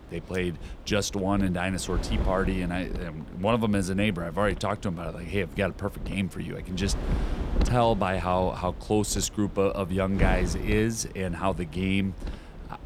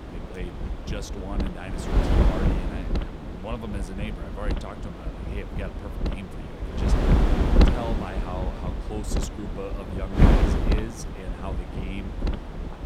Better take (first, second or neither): first